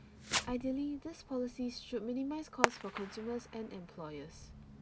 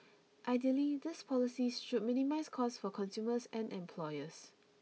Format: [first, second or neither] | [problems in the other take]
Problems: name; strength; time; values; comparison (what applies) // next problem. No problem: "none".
second | background sound (Fireworks); 1 dB below the speech